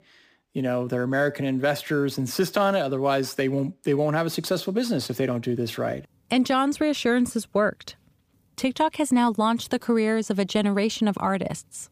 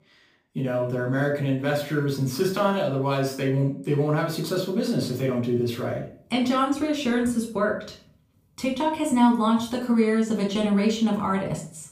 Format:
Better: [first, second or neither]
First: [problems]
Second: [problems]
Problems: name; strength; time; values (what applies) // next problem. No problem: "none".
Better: first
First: none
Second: off-mic speech; far // room echo; slight; dies away in 0.4 s